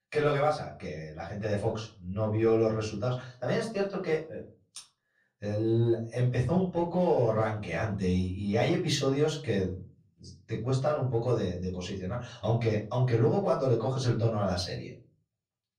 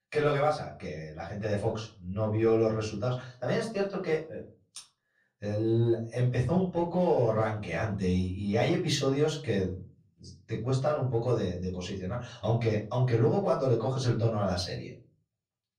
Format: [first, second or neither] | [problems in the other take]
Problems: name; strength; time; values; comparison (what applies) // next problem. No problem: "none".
neither | room echo; slight; dies away in 0.4 s; the same in both // off-mic speech; far; the same in both